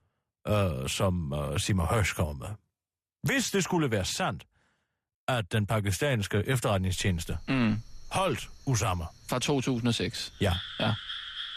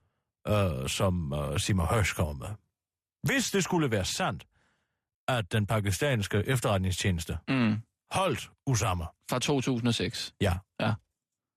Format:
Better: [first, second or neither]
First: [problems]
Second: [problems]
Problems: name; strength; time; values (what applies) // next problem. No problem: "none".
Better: second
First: animal sounds; noticeable; from 7 s on; 15 dB below the speech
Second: none